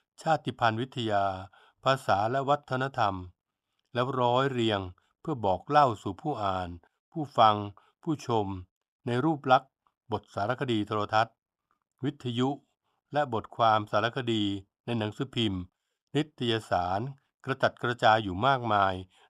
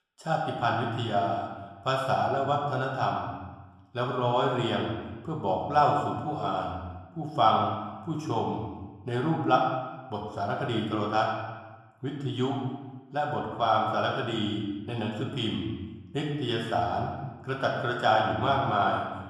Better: first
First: none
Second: room echo; noticeable; dies away in 1.1 s // off-mic speech; somewhat distant

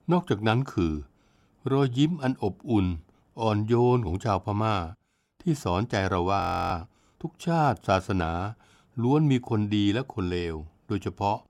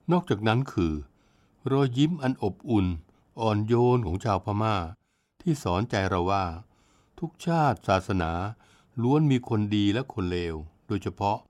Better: second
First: audio freezing; at 6.5 s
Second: none

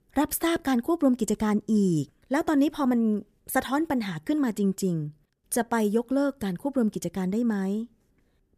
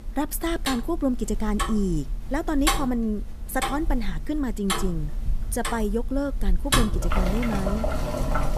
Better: first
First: none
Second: household noises; loud; throughout; 1 dB below the speech

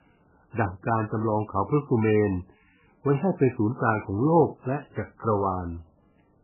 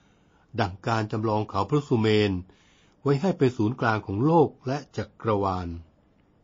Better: second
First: garbled, watery; badly; nothing above 2.5 kHz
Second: garbled, watery; slightly; nothing above 7 kHz

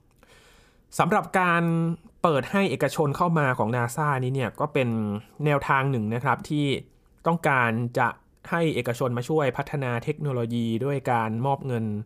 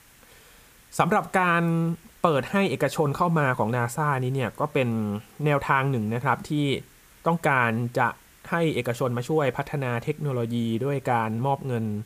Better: first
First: none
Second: hiss; faint; throughout; 30 dB below the speech

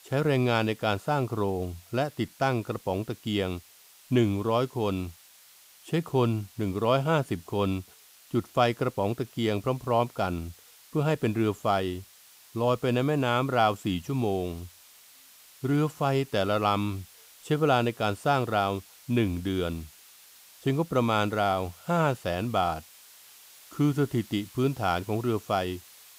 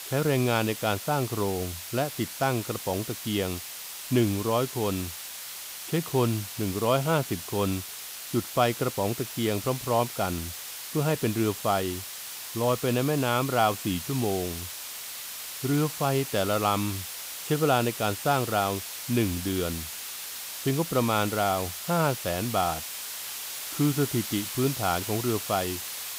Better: first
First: hiss; faint; throughout; 25 dB below the speech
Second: hiss; loud; throughout; 7 dB below the speech

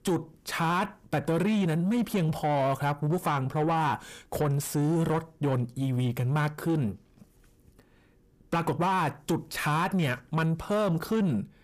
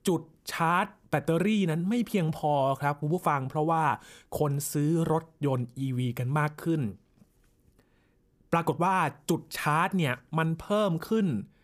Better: second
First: distortion; slight; 10 dB below the speech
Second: none

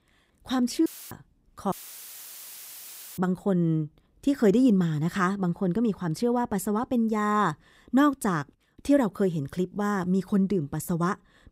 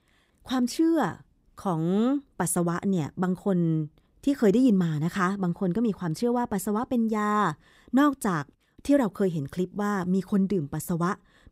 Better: second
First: audio cutting out; filled with static; at 1 s and at 1.5 s for 1.5 s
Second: none

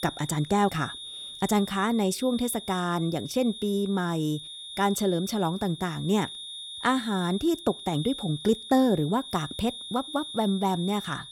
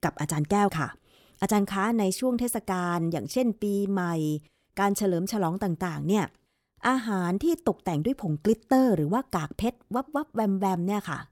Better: second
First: high-pitched whine; noticeable; throughout; 3.5 kHz, 10 dB below the speech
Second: none

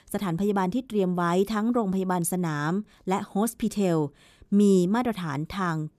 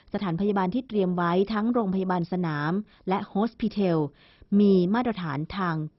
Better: first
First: none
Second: garbled, watery; badly; nothing above 5.5 kHz

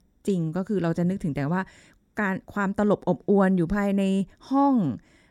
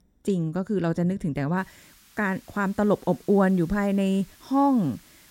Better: first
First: none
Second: hiss; faint; from 1.5 s on; 25 dB below the speech

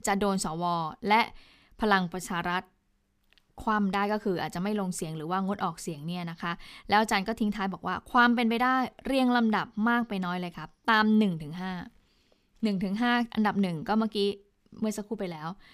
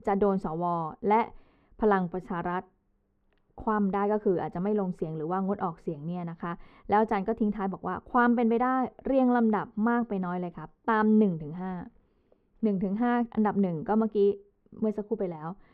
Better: first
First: none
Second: muffled; very; fading above 3 kHz

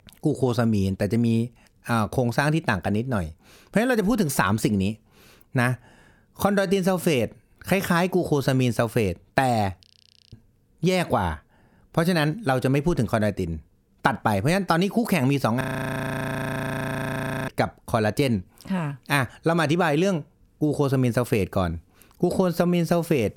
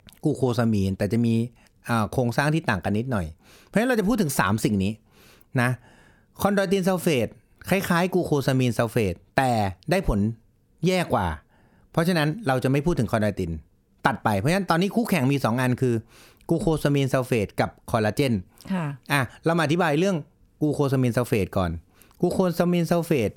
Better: second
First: audio freezing; at 10 s and at 16 s for 2 s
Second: none

